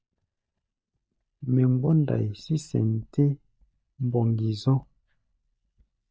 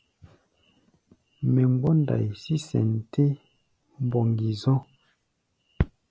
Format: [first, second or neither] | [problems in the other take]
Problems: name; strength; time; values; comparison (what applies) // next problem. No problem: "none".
second | noise reduction (neural mask model DeepFilterNet 3)